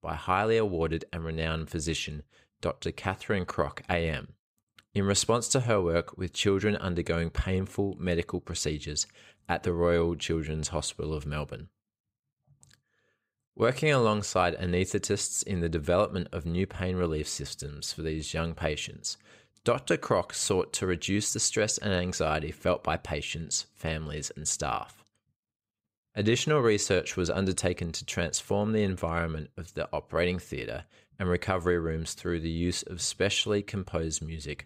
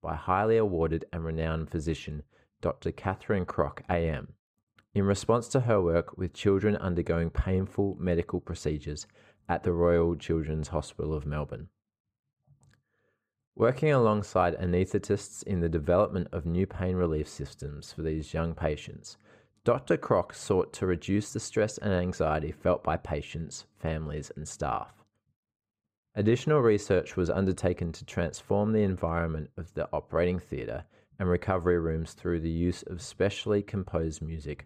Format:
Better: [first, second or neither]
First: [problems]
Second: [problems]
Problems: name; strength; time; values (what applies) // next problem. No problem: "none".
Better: first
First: none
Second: muffled; slightly; fading above 2 kHz